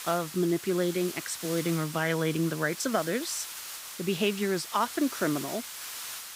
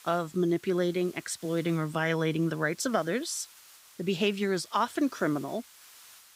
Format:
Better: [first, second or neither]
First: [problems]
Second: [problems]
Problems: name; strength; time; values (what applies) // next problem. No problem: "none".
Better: second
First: hiss; loud; throughout; 9 dB below the speech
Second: hiss; faint; throughout; 20 dB below the speech